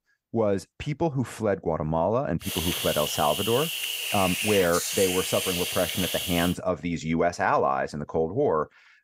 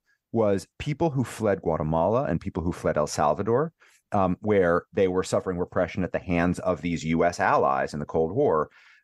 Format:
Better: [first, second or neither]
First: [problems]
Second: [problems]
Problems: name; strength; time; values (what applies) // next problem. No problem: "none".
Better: second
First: hiss; loud; from 2.5 to 6.5 s; 1 dB below the speech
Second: none